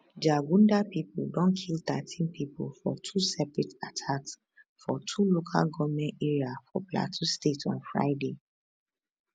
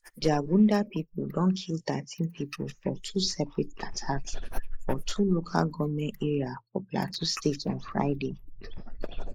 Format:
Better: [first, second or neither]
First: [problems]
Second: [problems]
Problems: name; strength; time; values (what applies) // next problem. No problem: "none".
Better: first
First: none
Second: noise reduction (neural mask model Resemble Enhance denoiser)